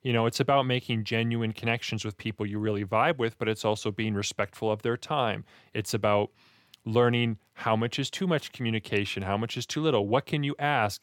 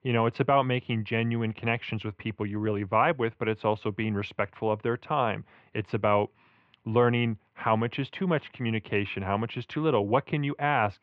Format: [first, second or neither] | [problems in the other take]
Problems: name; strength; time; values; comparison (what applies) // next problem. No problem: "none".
first | muffled; very; fading above 2.5 kHz